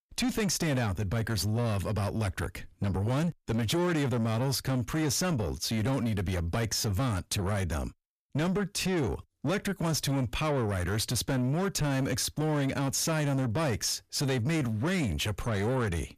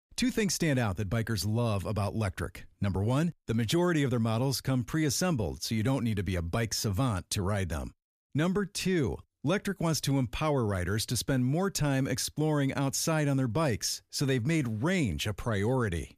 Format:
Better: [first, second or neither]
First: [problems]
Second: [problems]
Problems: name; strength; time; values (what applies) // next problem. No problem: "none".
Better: second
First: distortion; slight; 10 dB below the speech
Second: none